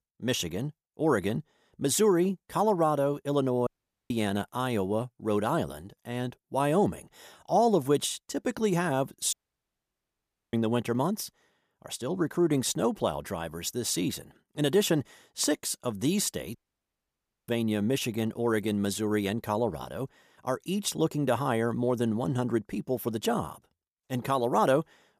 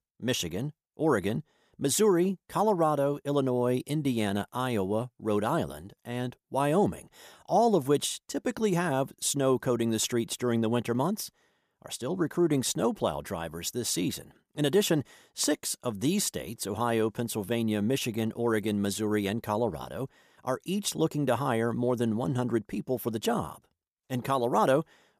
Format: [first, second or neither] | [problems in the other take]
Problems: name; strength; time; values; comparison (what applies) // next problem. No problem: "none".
second | audio cutting out; at 3.5 s, at 9.5 s for 1 s and at 17 s for 1 s